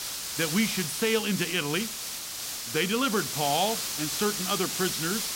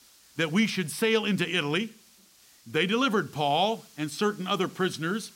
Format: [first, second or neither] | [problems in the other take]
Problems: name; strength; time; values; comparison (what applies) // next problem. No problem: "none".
second | hiss; loud; throughout; 2 dB below the speech; faint in the second